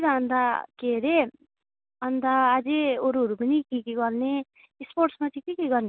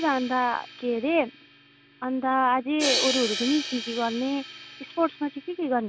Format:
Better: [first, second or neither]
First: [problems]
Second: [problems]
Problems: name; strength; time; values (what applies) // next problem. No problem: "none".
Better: first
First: none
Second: background sound (Crash cymbal); 8 dB below the speech